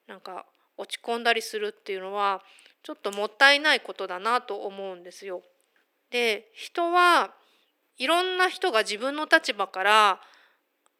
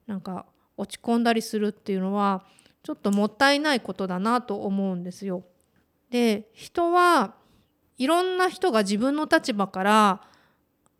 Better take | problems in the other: second | thin; very; fading below 350 Hz

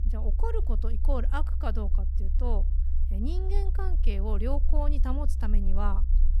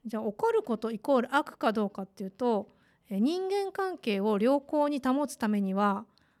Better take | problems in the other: second | low rumble; noticeable; throughout; 10 dB below the speech

